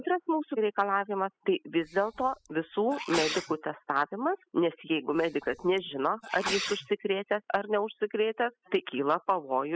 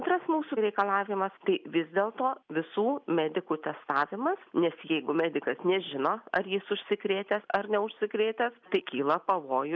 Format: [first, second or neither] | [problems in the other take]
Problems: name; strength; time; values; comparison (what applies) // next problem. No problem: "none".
second | noise reduction (classical method spectral subtraction)